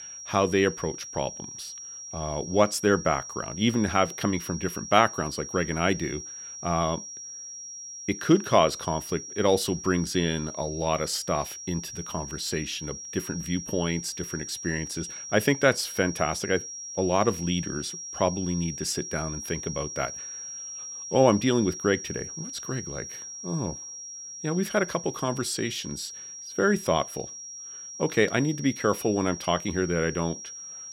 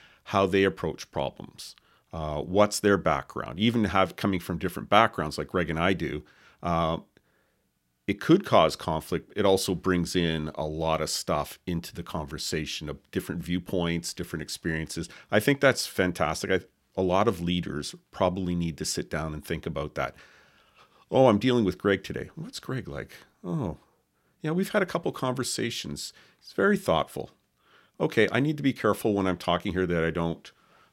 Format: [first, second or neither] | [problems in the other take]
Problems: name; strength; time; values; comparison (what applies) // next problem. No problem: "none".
second | high-pitched whine; loud; throughout; 5.5 kHz, 9 dB below the speech